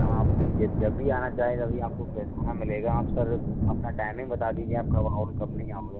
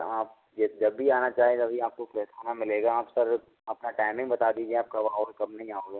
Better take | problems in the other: second | background sound (Thunder); 4 dB above the speech

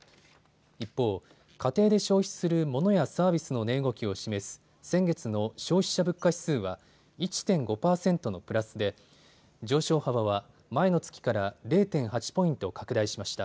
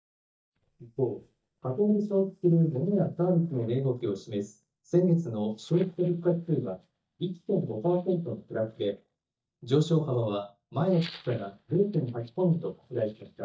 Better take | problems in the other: first | noise reduction (neural mask model DeepFilterNet 3)

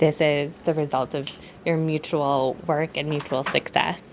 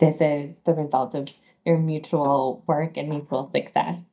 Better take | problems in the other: first | noise reduction (neural mask model DeepFilterNet 3)

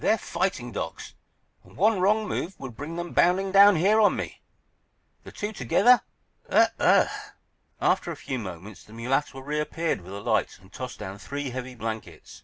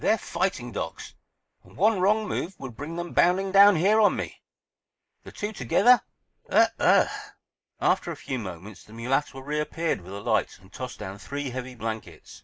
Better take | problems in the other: first | noise reduction (neural mask model Resemble Enhance denoiser)

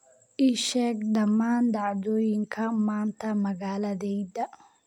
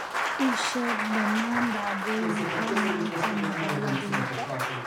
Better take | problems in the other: first | background sound (Applause); 2 dB above the speech

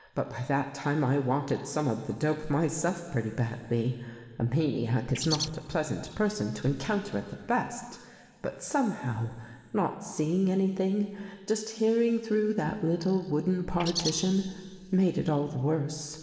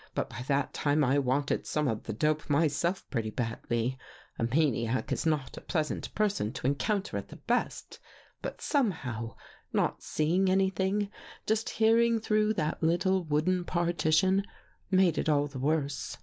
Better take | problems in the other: second | background sound (Bird); 4 dB below the speech // room echo; dies away in 2.4 s

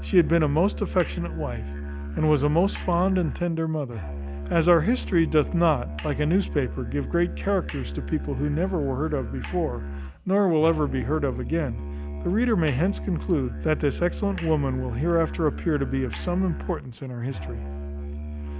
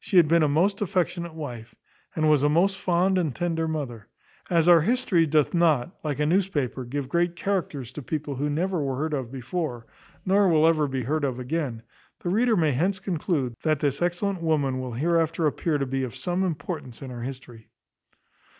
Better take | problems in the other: second | background sound (Musical instrument); 7 dB below the speech

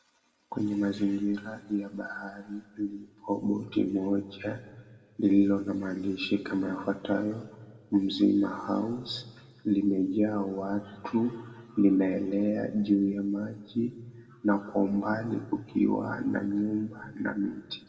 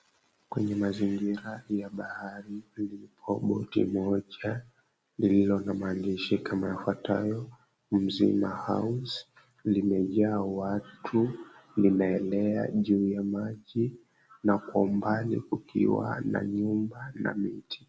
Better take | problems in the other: second | room echo; dies away in 1.1 s

